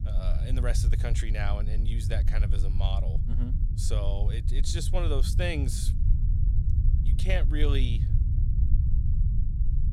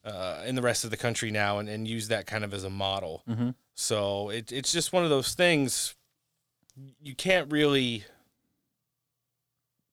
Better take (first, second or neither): second